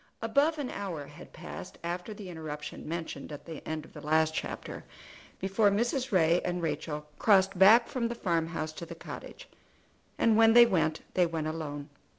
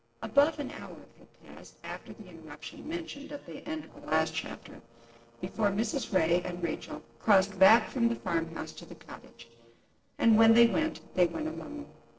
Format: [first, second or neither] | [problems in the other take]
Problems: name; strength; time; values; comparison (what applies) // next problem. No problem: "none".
first | noise reduction (neural separator model SepFormer DNS4)